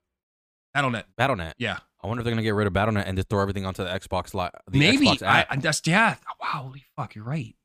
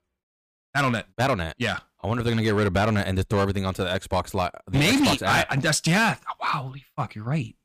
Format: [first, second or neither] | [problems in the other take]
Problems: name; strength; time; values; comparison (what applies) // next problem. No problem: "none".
first | distortion; heavy; 8% of the sound clipped